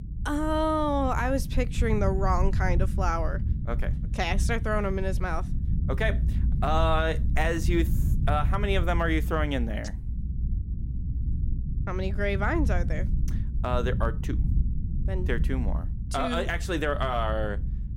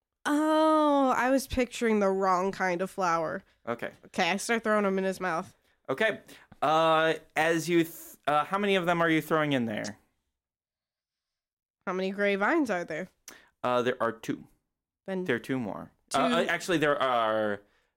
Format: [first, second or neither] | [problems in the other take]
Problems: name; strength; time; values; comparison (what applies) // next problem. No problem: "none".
second | low rumble; noticeable; throughout; 15 dB below the speech